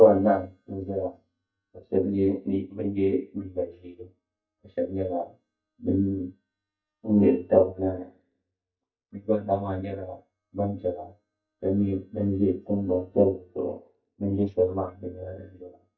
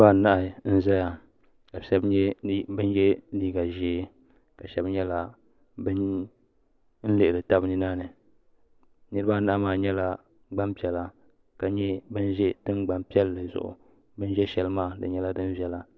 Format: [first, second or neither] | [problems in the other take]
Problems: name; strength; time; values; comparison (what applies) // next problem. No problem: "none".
second | noise reduction (neural mask model DeepFilterNet 3)